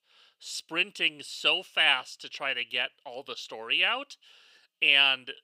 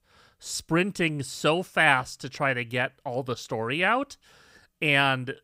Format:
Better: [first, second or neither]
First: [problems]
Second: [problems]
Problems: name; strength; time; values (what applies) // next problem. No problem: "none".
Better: second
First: thin; somewhat; fading below 400 Hz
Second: none